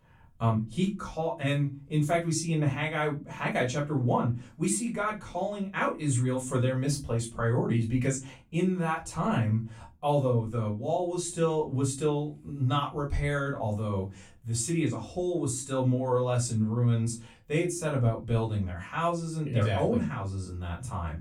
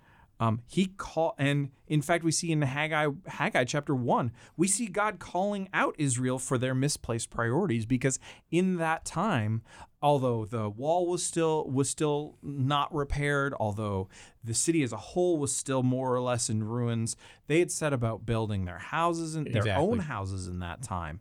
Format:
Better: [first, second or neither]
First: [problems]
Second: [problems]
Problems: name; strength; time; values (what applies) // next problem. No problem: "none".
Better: second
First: off-mic speech; far // room echo; very slight; dies away in 0.2 s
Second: none